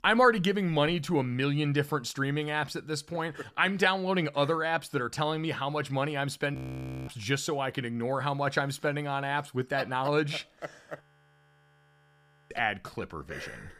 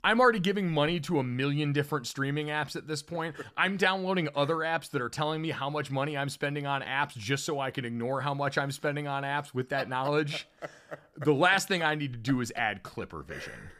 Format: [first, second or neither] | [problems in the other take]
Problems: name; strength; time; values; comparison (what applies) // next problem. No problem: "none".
second | audio freezing; at 6.5 s for 0.5 s and at 11 s for 1.5 s